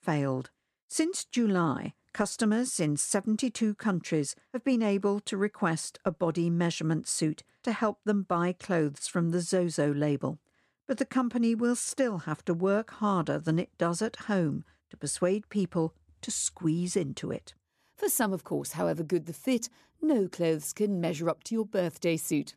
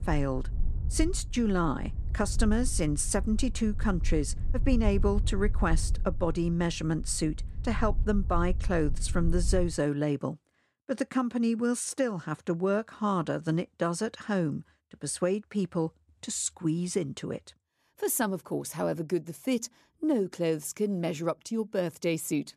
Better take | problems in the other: first | low rumble; faint; until 9.5 s; 20 dB below the speech

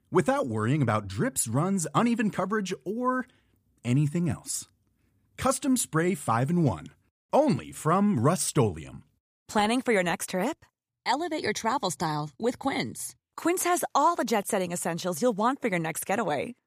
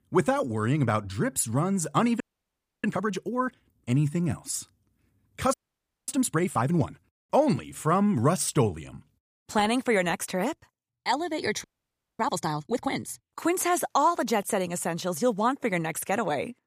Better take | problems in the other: first | audio freezing; at 2 s for 0.5 s, at 5.5 s for 0.5 s and at 12 s for 0.5 s

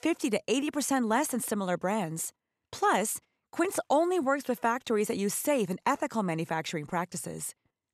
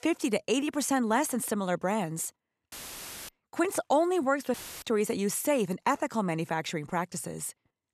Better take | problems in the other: first | audio cutting out; filled with static; at 2.5 s for 0.5 s and at 4.5 s

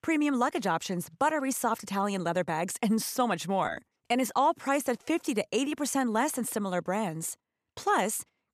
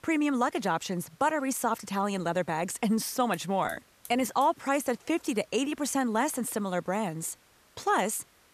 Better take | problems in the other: first | hiss; faint; throughout; 25 dB below the speech

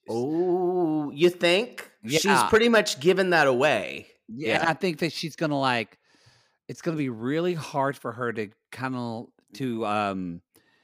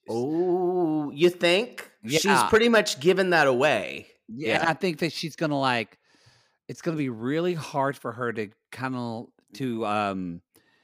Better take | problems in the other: neither | none

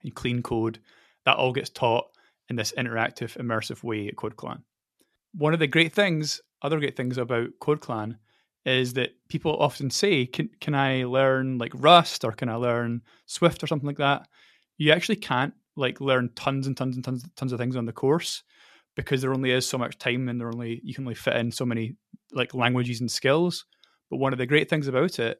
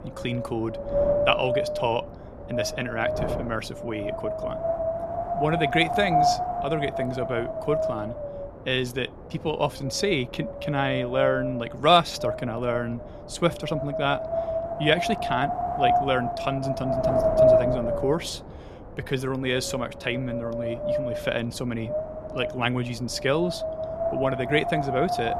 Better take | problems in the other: first | wind noise on the microphone; heavy; 1 dB above the speech

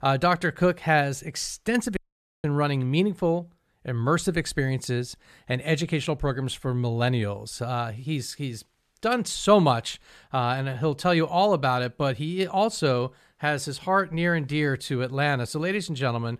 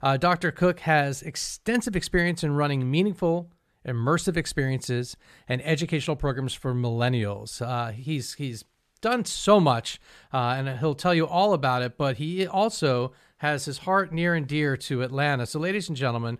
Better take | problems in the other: second | audio cutting out; at 2 s

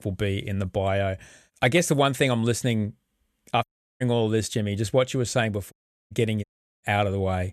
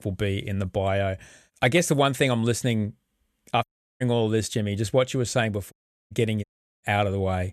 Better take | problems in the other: neither | audio cutting out; at 3.5 s, at 5.5 s and at 6.5 s; the same in both

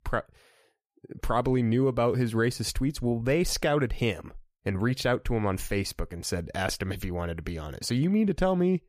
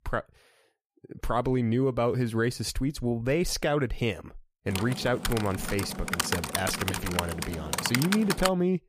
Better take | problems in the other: first | keyboard typing; loud; from 4.5 s on; peak 1 dB above the speech

